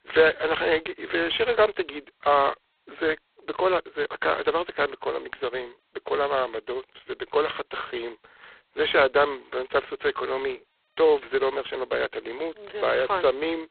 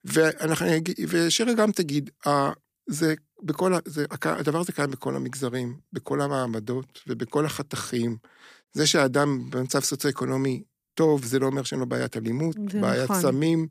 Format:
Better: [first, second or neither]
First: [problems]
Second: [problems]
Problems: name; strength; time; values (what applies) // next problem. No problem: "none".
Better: second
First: phone-call audio; poor line; nothing above 4 kHz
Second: none